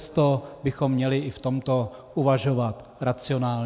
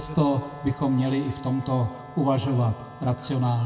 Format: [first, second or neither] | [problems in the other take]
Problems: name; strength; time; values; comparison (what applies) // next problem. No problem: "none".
first | background sound (Wind instrument, woodwind instrument); 17 dB below the speech // room echo; dies away in 1 s